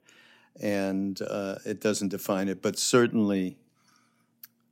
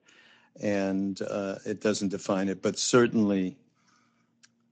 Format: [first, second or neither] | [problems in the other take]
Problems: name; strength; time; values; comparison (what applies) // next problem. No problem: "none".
first | garbled, watery; slightly; nothing above 7.5 kHz